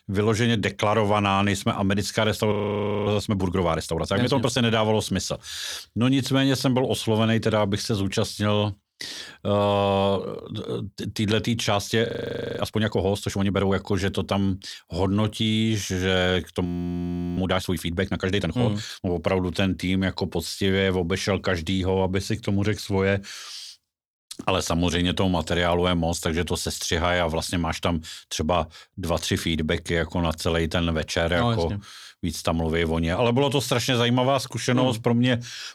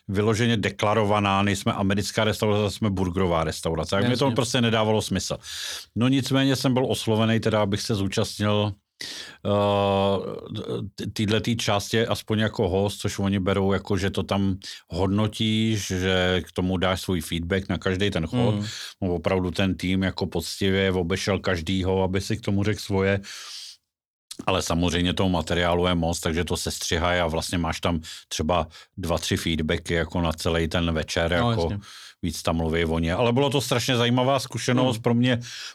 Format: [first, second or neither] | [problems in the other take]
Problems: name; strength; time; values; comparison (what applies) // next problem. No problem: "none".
second | audio freezing; at 2.5 s for 0.5 s, at 12 s for 0.5 s and at 17 s for 0.5 s